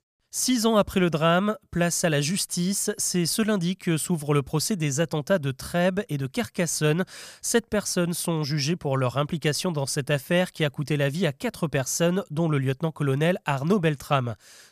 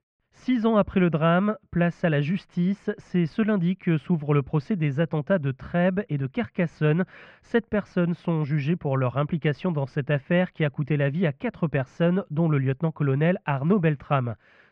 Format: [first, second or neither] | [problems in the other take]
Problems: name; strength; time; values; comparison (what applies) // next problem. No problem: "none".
first | muffled; very; fading above 2.5 kHz